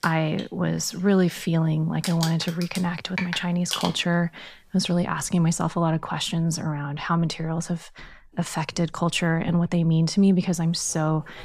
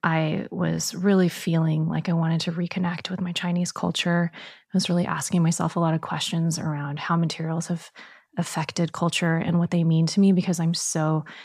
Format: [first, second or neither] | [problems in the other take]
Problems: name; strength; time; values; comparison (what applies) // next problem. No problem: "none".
second | household noises; loud; throughout; 9 dB below the speech